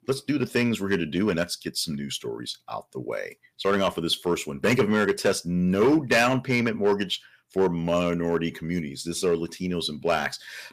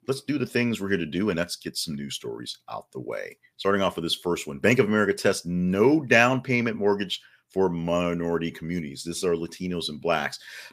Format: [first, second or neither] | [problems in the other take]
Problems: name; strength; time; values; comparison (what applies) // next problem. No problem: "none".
second | distortion; slight; 3% of the sound clipped